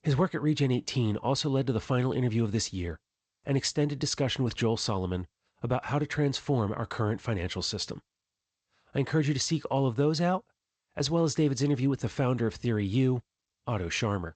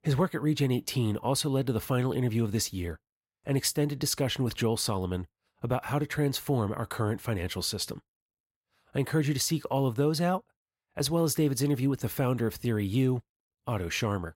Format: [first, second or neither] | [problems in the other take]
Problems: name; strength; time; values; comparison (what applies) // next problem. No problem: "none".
second | garbled, watery; slightly; nothing above 8 kHz